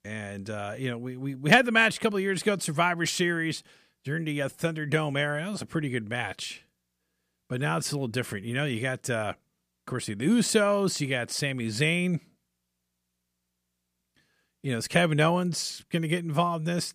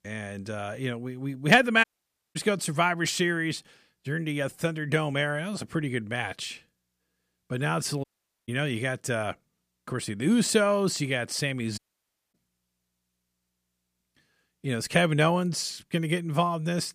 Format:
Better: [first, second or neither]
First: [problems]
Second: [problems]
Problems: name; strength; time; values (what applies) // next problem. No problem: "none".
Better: first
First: none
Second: audio cutting out; at 2 s for 0.5 s, at 8 s and at 12 s for 0.5 s